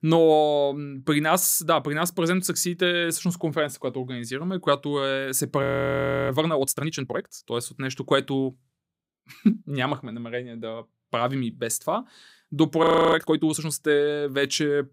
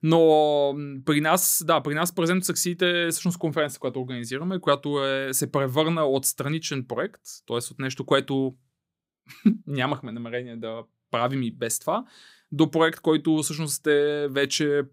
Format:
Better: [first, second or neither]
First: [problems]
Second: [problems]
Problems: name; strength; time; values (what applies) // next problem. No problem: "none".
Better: second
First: audio freezing; at 5.5 s for 0.5 s and at 13 s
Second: none